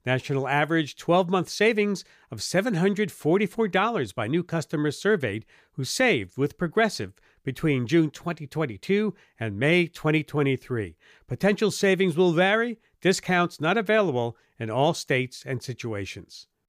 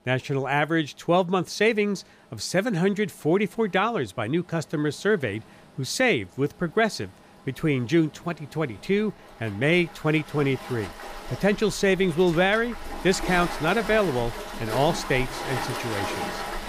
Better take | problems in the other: first | rain or running water; loud; throughout; 9 dB below the speech

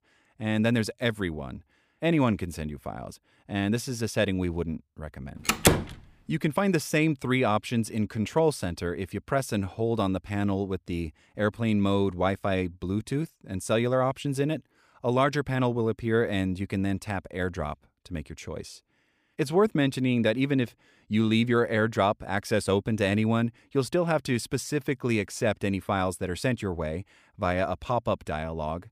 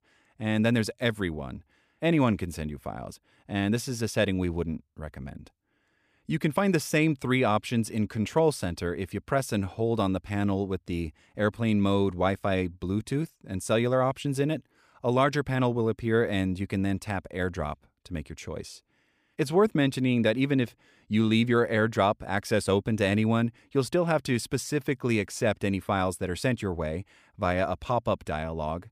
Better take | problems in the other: second | door banging; loud; at 5.5 s; peak 5 dB above the speech

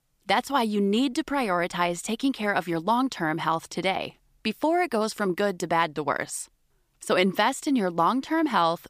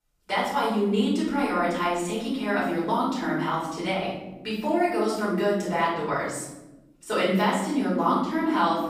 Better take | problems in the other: first | off-mic speech; far // room echo; noticeable; dies away in 1.1 s

